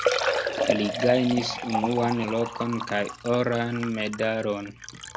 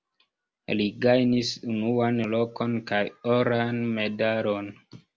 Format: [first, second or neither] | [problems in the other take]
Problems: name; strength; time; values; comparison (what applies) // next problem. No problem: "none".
second | background sound (Liquid); 3 dB below the speech